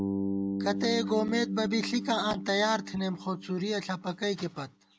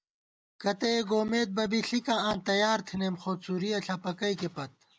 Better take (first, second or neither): second